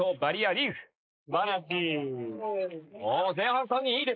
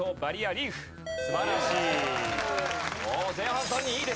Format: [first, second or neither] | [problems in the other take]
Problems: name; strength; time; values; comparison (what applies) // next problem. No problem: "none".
second | noise reduction (neural mask model Resemble Enhance denoiser)